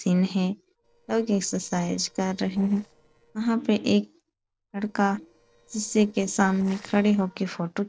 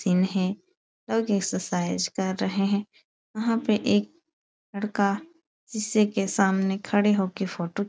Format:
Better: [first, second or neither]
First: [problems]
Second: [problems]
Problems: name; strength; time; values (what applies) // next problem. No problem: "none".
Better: second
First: noise reduction (neural separator model SepFormer DNS4)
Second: none